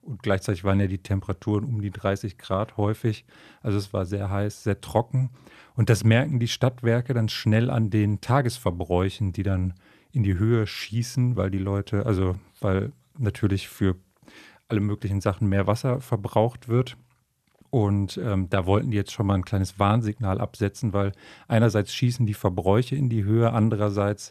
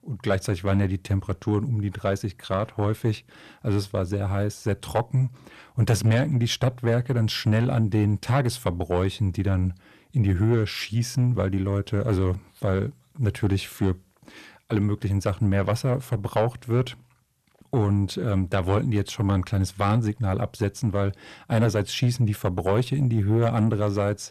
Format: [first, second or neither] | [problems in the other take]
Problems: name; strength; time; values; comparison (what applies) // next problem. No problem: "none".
first | distortion; slight; 10 dB below the speech